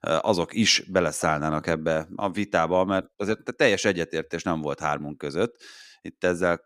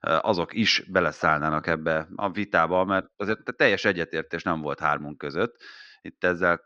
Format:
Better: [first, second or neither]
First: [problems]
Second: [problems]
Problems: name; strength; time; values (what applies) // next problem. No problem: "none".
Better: first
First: none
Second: muffled; very slightly; fading above 5 kHz